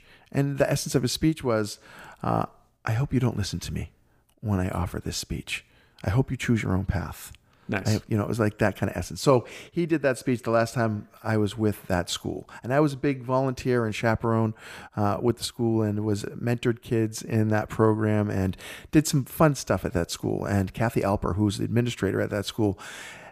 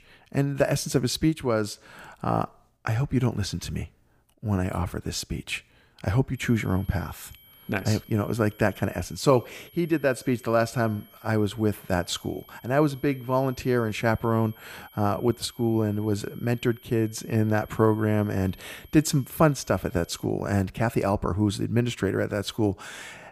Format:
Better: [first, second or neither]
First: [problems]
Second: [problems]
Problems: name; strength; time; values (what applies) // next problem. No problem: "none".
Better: first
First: none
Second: high-pitched whine; faint; from 6.5 to 20 s; 11.5 kHz, 25 dB below the speech